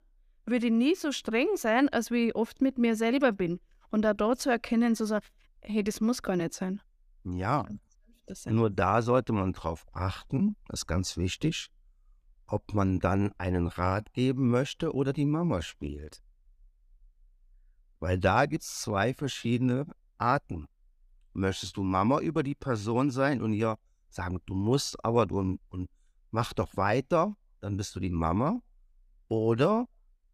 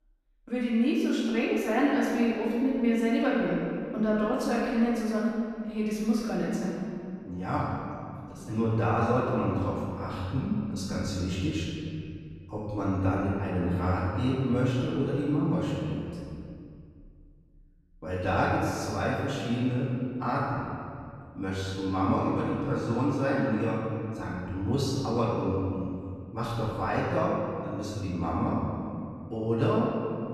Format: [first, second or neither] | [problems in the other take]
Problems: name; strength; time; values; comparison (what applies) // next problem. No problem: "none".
first | room echo; strong; dies away in 2.2 s // off-mic speech; far